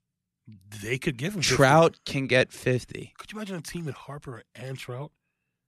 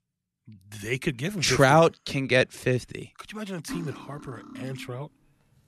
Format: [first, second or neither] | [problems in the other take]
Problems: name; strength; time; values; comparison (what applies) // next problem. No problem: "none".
first | clattering dishes; faint; from 3.5 to 5 s; peak 15 dB below the speech